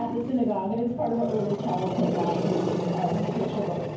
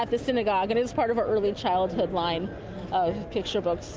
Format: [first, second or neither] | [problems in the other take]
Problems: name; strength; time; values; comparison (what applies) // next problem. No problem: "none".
second | background sound (Growling); 3 dB below the speech // room echo; dies away in 0.9 s